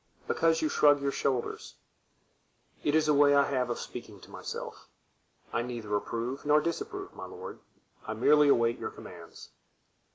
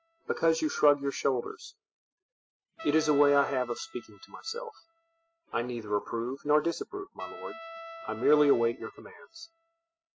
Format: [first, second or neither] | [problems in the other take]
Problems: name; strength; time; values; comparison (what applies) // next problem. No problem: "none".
first | noise reduction (classical method spectral subtraction)